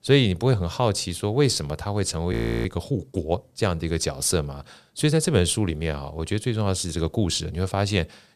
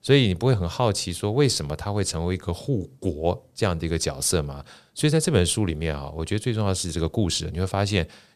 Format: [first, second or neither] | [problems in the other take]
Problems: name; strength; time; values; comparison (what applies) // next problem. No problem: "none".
second | audio freezing; at 2.5 s